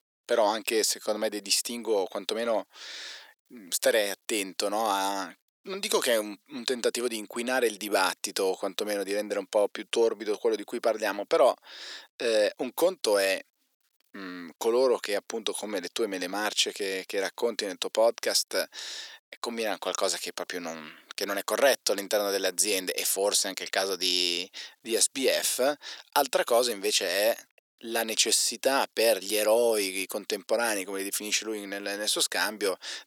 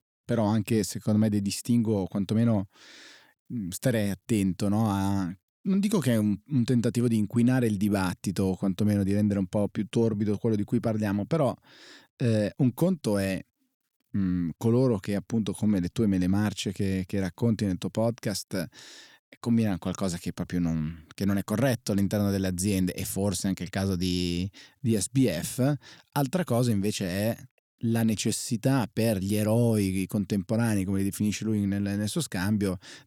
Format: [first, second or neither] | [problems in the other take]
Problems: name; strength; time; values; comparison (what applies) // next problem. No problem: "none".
second | thin; very; fading below 450 Hz